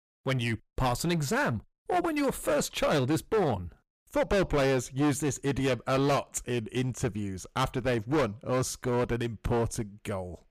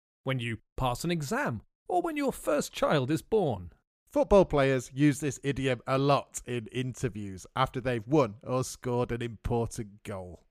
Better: second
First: distortion; heavy; 13% of the sound clipped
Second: none

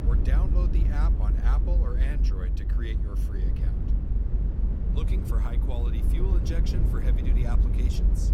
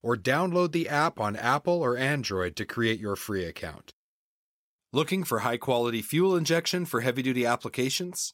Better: second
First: low rumble; loud; throughout; 1 dB below the speech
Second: none

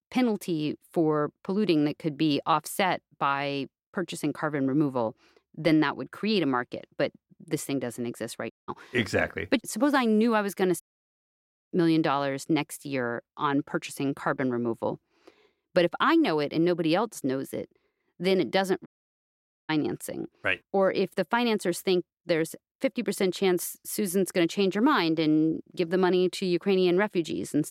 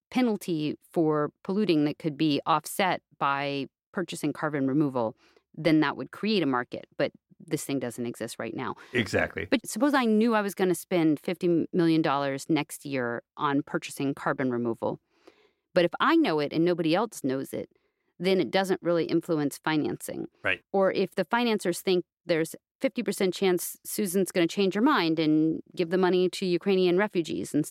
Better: second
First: audio cutting out; at 8.5 s, at 11 s for 1 s and at 19 s for 1 s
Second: none

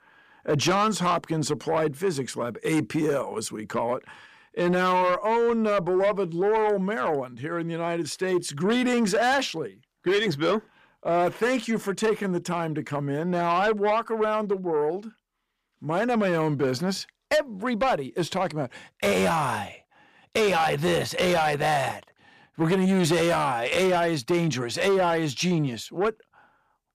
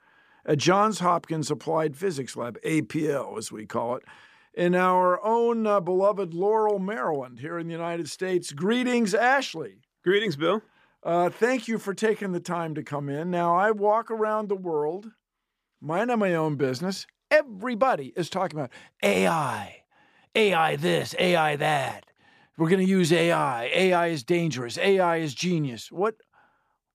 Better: second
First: distortion; slight; 10 dB below the speech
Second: none

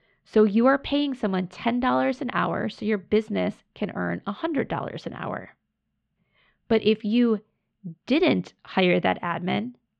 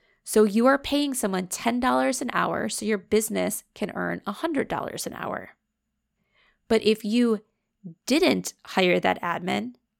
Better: second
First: muffled; slightly; fading above 3.5 kHz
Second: none

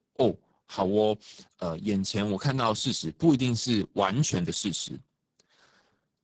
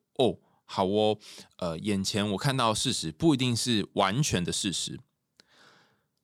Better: second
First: garbled, watery; badly; nothing above 7.5 kHz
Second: none

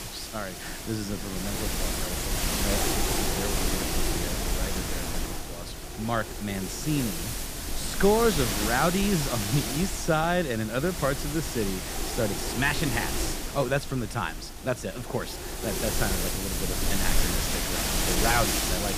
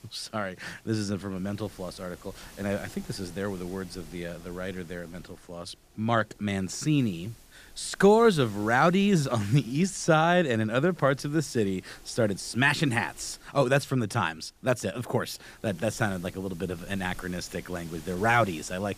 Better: second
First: wind noise on the microphone; heavy; 1 dB below the speech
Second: wind noise on the microphone; occasional gusts; 25 dB below the speech

